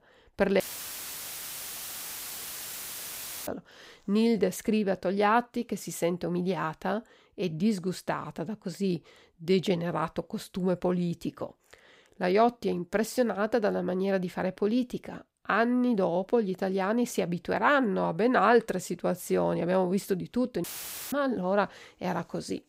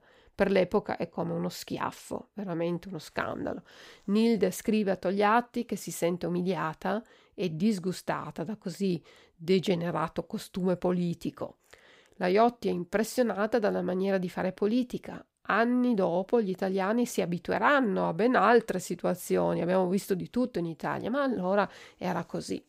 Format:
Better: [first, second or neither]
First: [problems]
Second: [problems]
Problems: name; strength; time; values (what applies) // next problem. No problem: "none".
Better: second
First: audio cutting out; filled with static; at 0.5 s for 3 s and at 21 s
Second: none